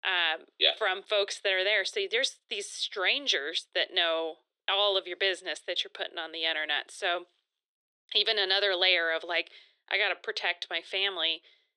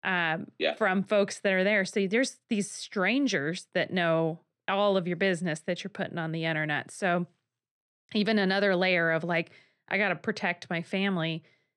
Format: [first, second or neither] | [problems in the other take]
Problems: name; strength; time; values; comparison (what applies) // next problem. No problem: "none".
second | thin; very; fading below 400 Hz